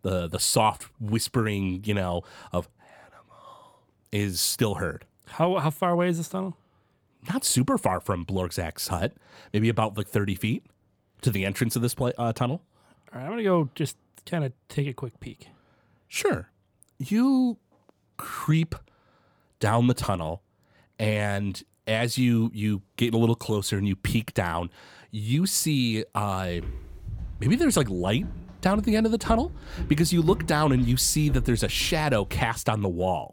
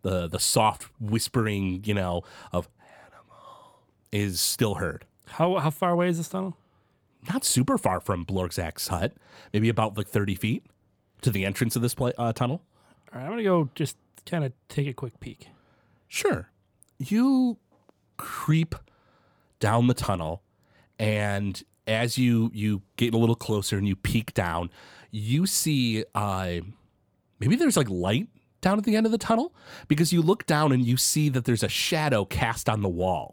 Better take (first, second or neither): second